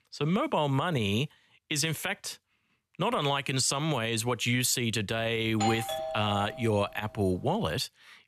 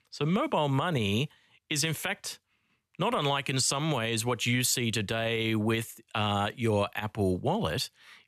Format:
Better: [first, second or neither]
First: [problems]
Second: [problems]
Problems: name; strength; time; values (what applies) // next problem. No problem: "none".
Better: second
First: doorbell; noticeable; from 5.5 to 7 s; peak 3 dB below the speech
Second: none